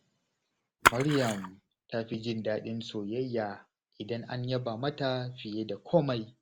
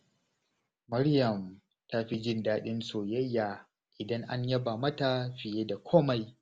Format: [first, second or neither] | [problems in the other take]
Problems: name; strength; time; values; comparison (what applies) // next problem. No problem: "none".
second | background sound (Splash, splatter); 2 dB above the speech